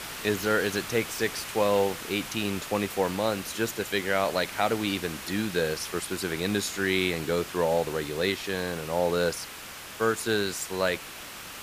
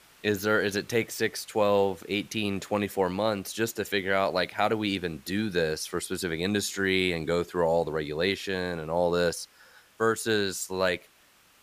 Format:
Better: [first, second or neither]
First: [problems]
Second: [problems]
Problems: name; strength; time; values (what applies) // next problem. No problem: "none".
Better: second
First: hiss; loud; throughout; 10 dB below the speech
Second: hiss; faint; throughout; 30 dB below the speech